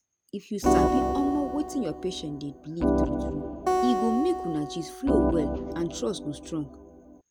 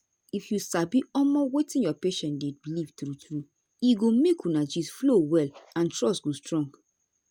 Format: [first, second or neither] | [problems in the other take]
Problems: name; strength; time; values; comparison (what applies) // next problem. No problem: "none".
second | background sound (Organ + Acoustic guitar); 3 dB above the speech